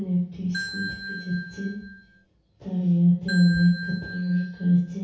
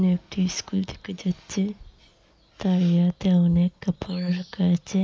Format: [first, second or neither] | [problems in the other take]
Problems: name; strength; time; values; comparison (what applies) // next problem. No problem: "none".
second | background sound (Ringtone / Bell); 11 dB below the speech // room echo; dies away in 0.6 s